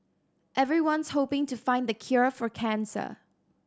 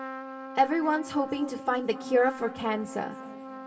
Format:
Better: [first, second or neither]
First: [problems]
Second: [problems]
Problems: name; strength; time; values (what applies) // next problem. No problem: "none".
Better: first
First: none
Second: background sound (Trumpet); 12 dB below the speech // room echo; dies away in 2.3 s